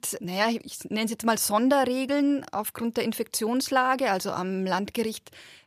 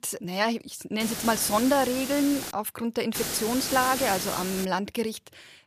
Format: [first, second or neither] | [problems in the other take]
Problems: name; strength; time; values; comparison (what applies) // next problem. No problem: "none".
first | hiss; loud; from 1 to 2.5 s and from 3 to 4.5 s; 5 dB below the speech